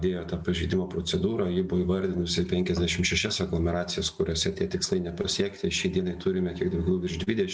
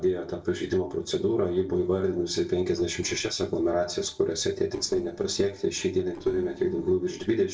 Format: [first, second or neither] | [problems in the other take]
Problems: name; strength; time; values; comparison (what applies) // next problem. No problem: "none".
first | noise reduction (neural separator model SepFormer DNS4)